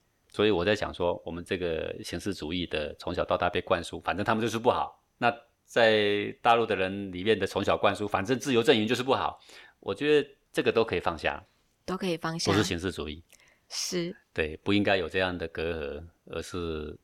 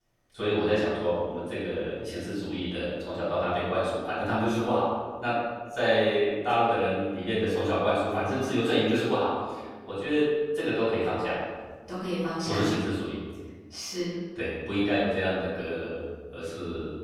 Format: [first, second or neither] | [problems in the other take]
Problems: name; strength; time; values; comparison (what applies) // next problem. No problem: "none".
first | off-mic speech; far // room echo; strong; dies away in 1.4 s